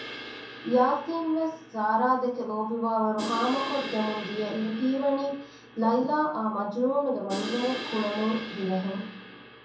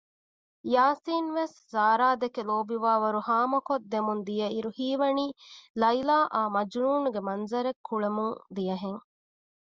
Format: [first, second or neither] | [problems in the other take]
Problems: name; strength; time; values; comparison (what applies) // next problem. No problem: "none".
second | background sound (Crash cymbal); 12 dB below the speech // room echo; dies away in 0.5 s